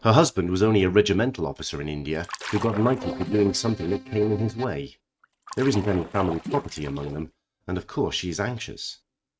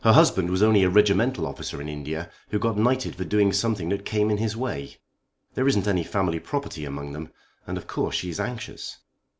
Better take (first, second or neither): second